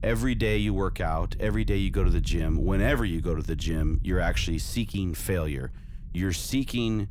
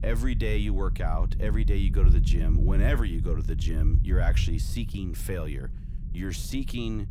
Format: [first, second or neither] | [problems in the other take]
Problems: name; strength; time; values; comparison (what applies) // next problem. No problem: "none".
first | low rumble; loud; throughout; 9 dB below the speech; faint in the first